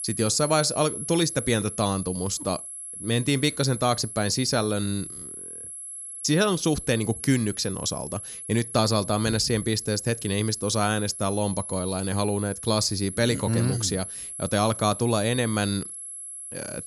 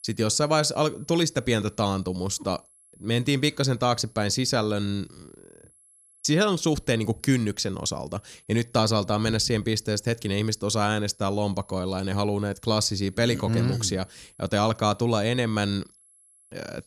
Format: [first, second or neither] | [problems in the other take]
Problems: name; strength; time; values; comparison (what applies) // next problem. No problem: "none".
second | high-pitched whine; loud; throughout; 11 kHz, 9 dB below the speech; faint in the second